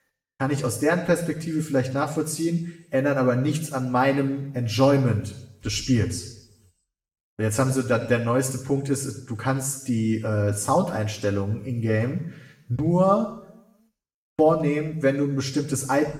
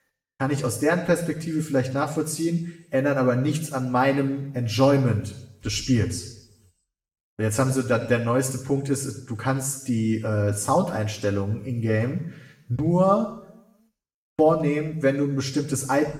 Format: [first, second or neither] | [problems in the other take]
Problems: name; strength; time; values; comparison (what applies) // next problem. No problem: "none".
neither | room echo; slight; dies away in 0.7 s; the same in both // off-mic speech; far; the same in both